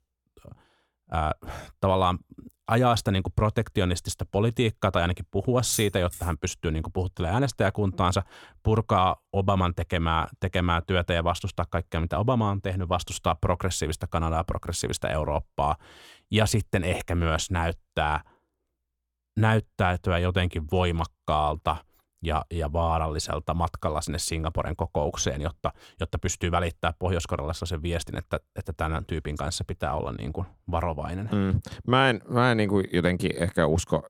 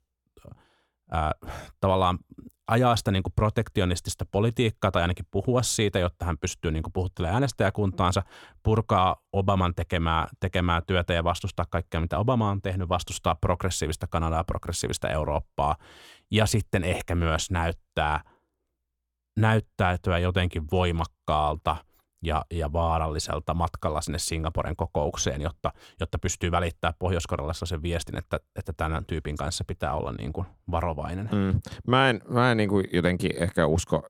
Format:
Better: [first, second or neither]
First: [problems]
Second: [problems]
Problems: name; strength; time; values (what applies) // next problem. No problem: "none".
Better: second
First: jangling keys; noticeable; at 5.5 s; peak 7 dB below the speech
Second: none